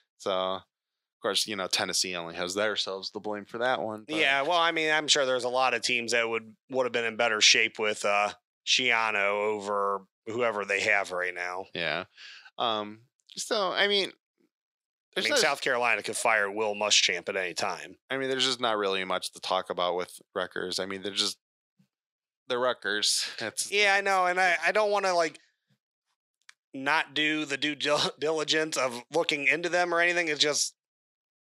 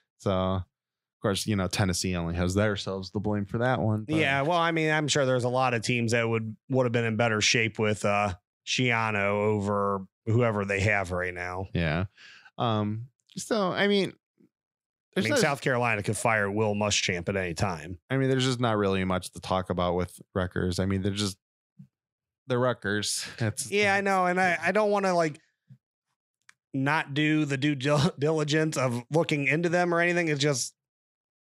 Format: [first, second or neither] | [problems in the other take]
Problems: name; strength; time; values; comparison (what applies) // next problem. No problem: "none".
second | thin; somewhat; fading below 400 Hz